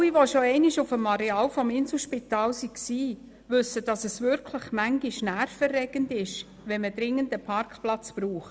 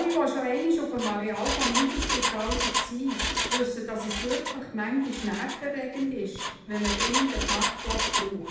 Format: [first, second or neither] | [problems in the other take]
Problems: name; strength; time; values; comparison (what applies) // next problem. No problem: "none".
first | background sound (Engine); 1 dB below the speech // room echo; dies away in 0.8 s